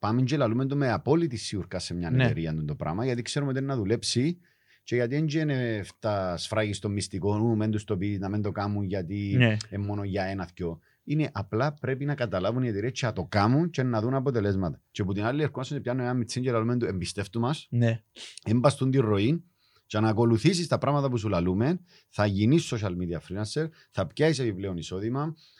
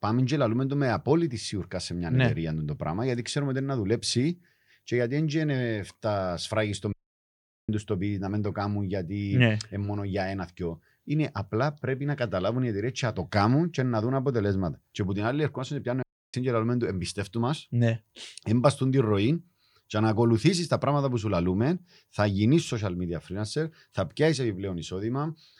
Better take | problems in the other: first | audio cutting out; at 7 s for 1 s and at 16 s

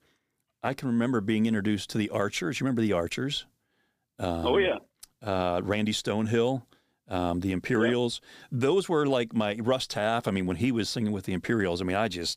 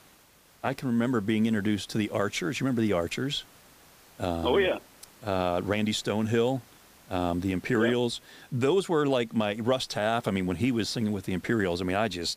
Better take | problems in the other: first | hiss; faint; throughout; 25 dB below the speech

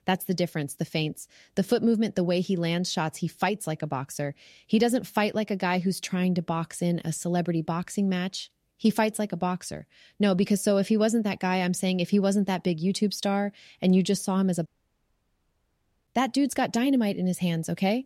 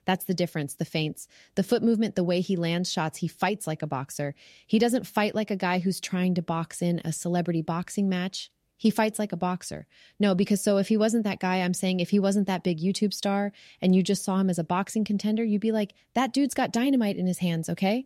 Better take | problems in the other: second | audio cutting out; at 15 s for 1.5 s

